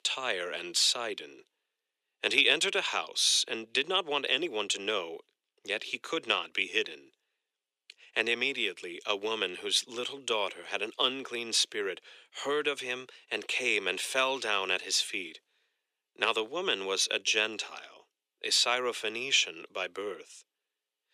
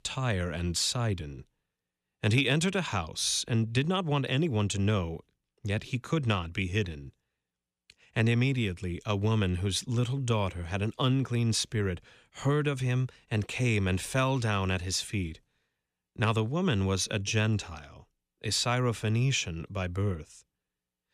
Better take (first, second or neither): second